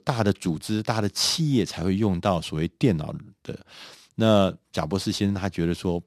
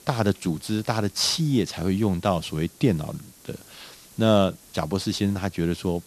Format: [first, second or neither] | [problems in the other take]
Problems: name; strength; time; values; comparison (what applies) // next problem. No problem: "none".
first | hiss; faint; throughout; 25 dB below the speech